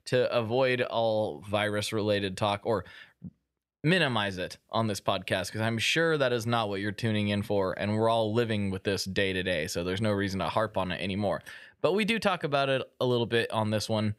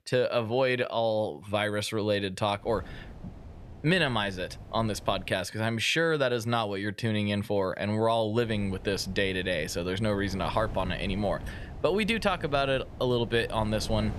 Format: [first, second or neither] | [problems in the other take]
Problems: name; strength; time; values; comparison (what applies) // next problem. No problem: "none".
first | wind noise on the microphone; occasional gusts; from 2.5 to 5.5 s and from 8.5 s on; 20 dB below the speech